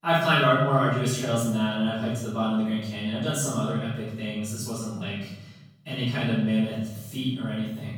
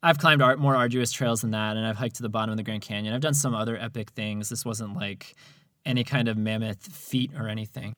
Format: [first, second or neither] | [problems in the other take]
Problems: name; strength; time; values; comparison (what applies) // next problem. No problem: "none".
second | off-mic speech; far // room echo; noticeable; dies away in 0.8 s